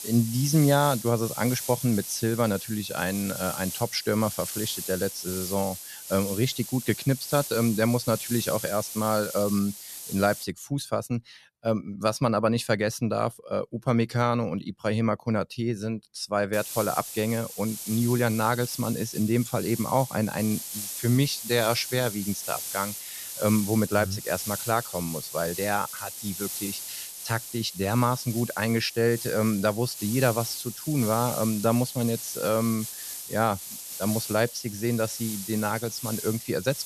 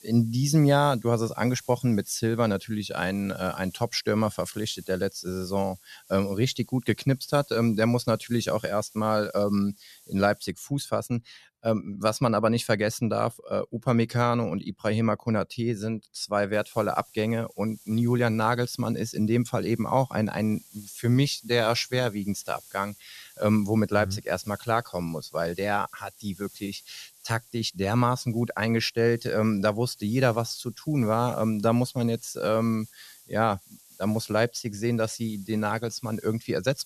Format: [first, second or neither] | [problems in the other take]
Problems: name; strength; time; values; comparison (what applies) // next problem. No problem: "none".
second | hiss; loud; until 10 s and from 17 s on; 7 dB below the speech; faint in the second